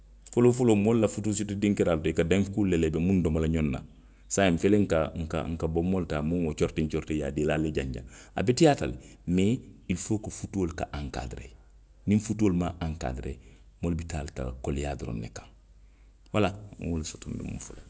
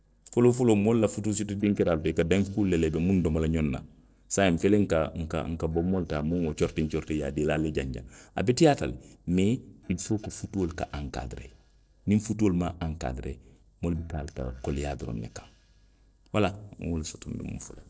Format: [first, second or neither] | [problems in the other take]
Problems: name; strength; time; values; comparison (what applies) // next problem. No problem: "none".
first | noise reduction (neural separator model SepFormer DNS4)